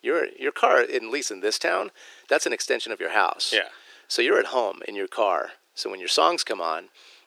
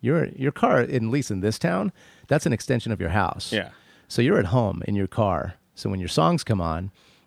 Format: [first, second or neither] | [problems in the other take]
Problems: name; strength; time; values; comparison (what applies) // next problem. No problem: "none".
second | thin; very; fading below 350 Hz